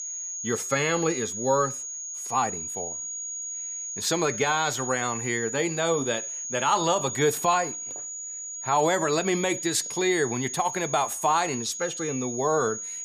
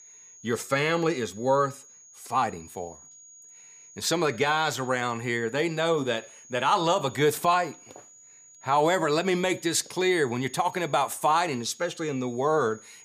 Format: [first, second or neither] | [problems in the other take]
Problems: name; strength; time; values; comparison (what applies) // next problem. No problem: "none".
second | high-pitched whine; loud; throughout; 6.5 kHz, 6 dB below the speech; faint in the second